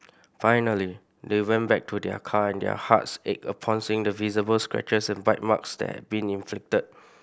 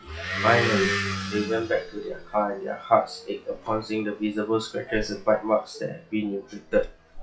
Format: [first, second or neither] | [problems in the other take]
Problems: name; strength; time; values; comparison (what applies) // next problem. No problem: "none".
first | noise reduction (classical method WPE with log-MMSE)